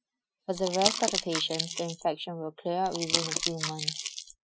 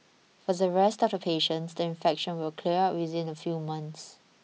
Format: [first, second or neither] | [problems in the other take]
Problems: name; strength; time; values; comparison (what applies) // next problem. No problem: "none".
second | noise reduction (classical method Wiener filter)